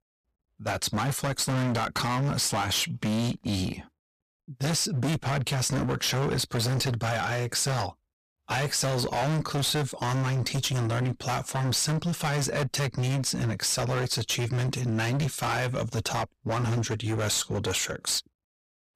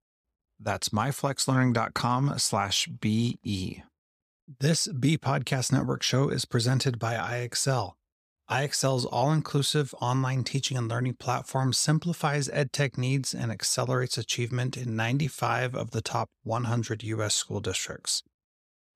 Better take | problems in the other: second | distortion; heavy; 28% of the sound clipped

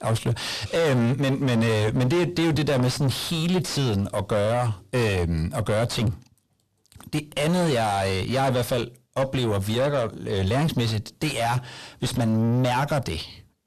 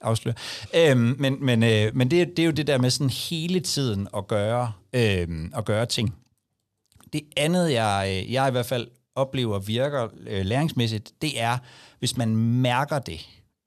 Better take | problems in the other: second | distortion; heavy; 4 dB below the speech

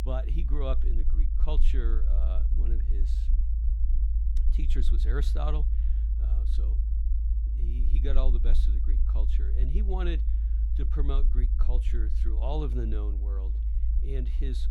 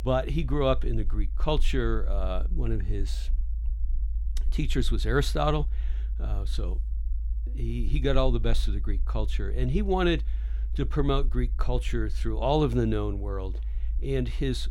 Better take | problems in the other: second | low rumble; loud; throughout; 8 dB below the speech; faint in the second

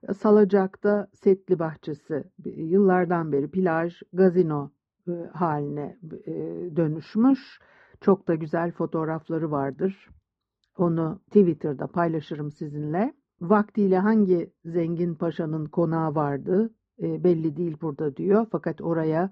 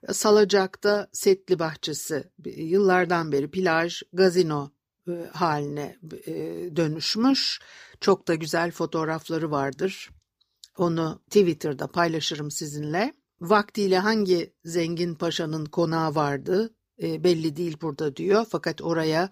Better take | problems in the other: second | muffled; very; fading above 1 kHz

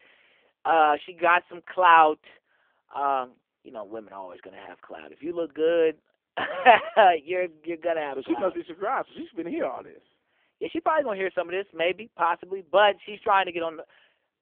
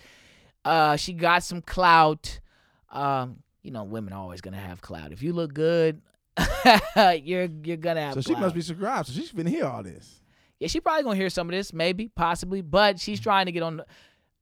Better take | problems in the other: second | phone-call audio; poor line; nothing above 3 kHz

